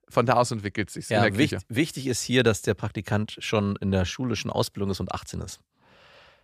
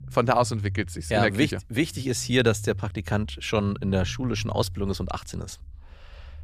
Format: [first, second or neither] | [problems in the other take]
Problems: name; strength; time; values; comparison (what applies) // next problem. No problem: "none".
first | low rumble; faint; throughout; 25 dB below the speech